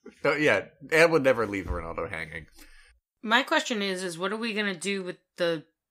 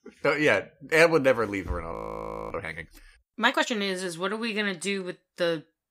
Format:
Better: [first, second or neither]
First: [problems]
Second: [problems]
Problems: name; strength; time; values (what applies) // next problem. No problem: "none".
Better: first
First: none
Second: audio freezing; at 2 s for 0.5 s